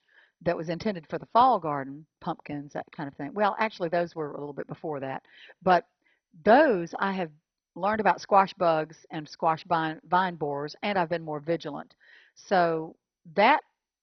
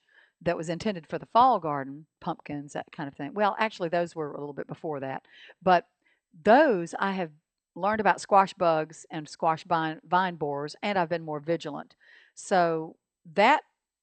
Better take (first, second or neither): second